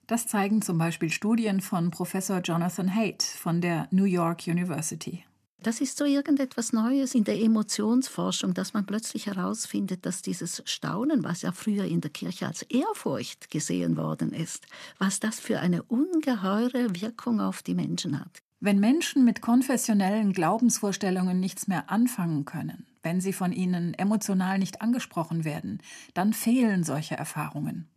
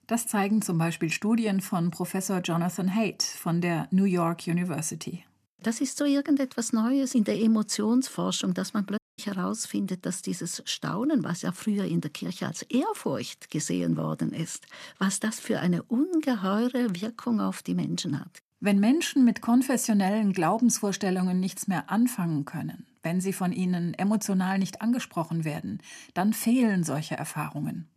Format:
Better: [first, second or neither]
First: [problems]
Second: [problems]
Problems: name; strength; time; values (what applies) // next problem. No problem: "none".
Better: first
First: none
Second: audio cutting out; at 9 s